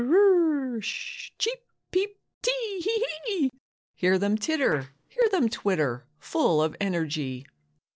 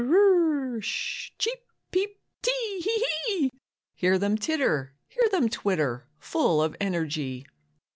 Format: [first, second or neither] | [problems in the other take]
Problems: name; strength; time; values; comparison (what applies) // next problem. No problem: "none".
second | noise reduction (neural separator model SepFormer DNS4)